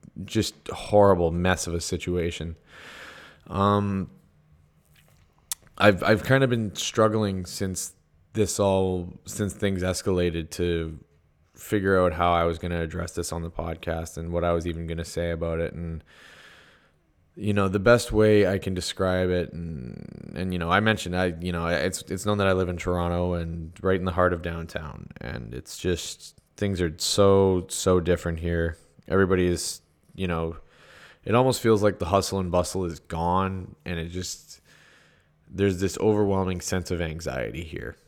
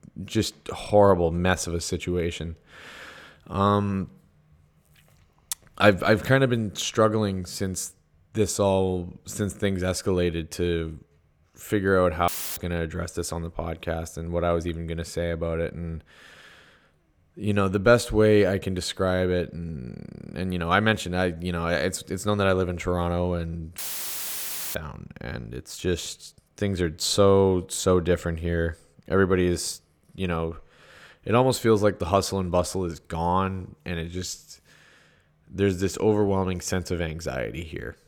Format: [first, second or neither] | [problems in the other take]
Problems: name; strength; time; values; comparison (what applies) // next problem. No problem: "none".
first | audio cutting out; filled with static; at 12 s and at 24 s for 1 s